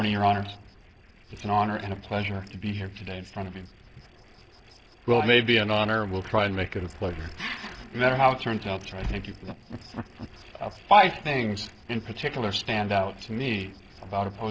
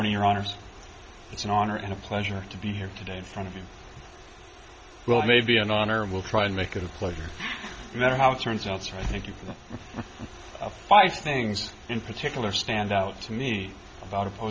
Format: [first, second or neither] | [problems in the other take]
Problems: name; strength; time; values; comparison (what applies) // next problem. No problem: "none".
second | noise reduction (neural separator model SepFormer DNS4)